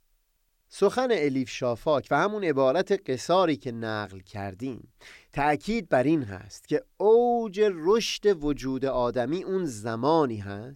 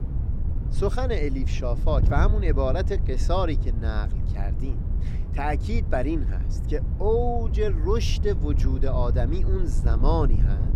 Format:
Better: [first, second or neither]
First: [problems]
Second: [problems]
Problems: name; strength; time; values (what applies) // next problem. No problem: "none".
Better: first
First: none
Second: wind noise on the microphone; occasional gusts; 10 dB below the speech